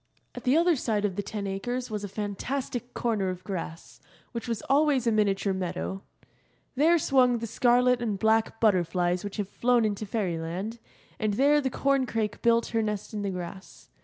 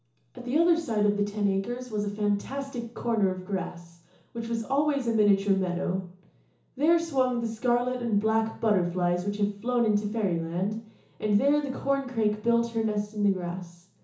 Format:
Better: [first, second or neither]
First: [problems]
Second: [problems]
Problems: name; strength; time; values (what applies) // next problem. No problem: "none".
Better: first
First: none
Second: room echo; dies away in 0.8 s